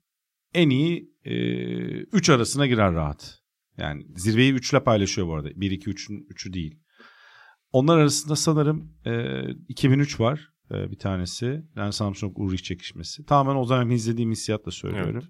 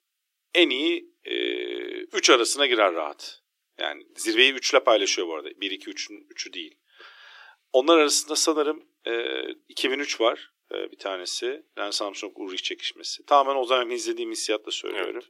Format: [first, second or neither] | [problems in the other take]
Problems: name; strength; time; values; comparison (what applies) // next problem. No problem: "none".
first | thin; very; fading below 350 Hz